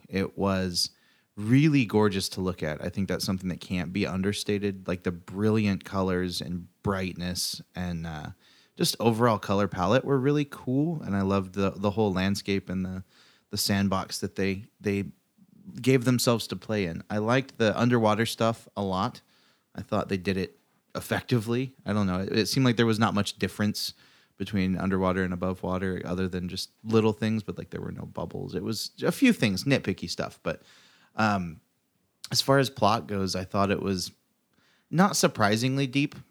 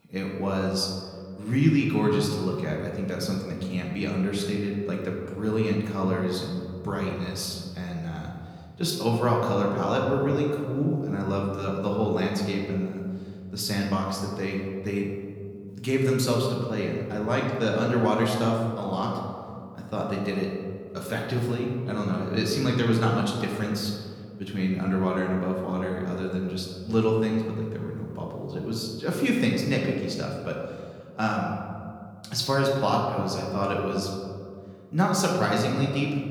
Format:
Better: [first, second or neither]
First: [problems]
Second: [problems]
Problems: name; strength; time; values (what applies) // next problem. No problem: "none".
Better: first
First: none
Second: room echo; noticeable; dies away in 1.9 s // off-mic speech; somewhat distant